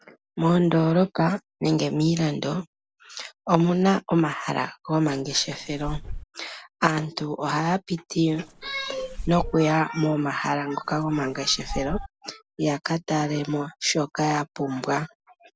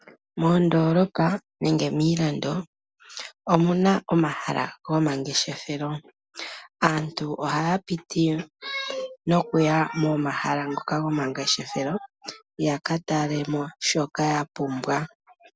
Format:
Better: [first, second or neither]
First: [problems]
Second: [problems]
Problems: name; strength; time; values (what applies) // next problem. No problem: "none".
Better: second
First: background sound (Fireworks); 11 dB below the speech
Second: none